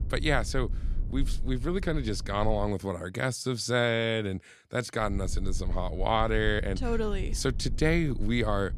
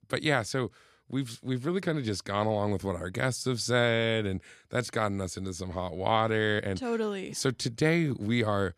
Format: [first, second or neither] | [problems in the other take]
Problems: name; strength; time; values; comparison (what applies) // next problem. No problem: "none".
second | low rumble; faint; until 2.5 s and from 5 s on; 25 dB below the speech